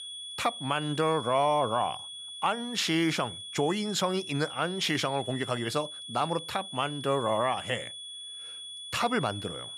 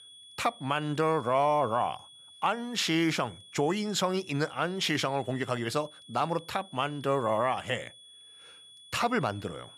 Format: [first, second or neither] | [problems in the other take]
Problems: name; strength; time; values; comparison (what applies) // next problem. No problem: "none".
second | high-pitched whine; loud; throughout; 3.5 kHz, 9 dB below the speech; faint in the second